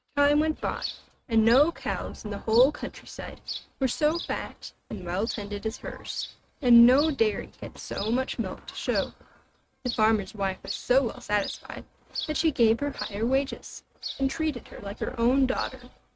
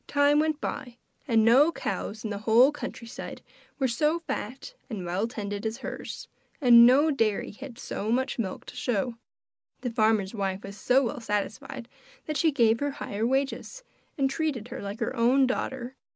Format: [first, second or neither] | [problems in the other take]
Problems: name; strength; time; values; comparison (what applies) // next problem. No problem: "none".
second | noise reduction (neural mask model RNNoise)